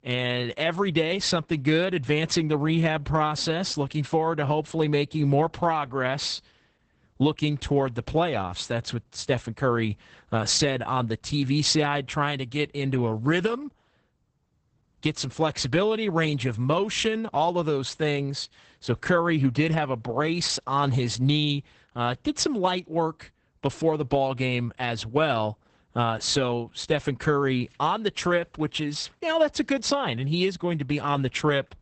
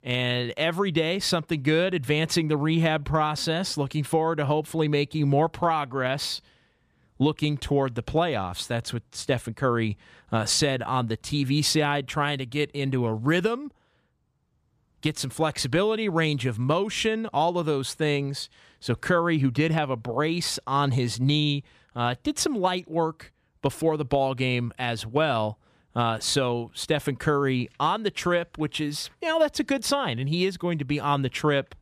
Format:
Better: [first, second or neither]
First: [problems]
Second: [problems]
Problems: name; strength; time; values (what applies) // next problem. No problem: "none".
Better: second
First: garbled, watery; badly; nothing above 8 kHz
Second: none